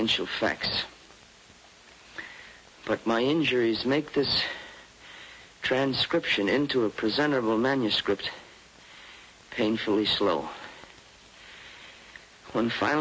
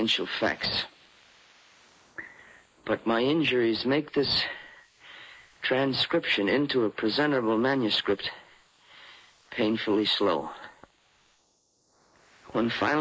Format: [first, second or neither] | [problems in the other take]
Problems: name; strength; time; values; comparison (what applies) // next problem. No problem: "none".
first | noise reduction (neural mask model Resemble Enhance denoiser)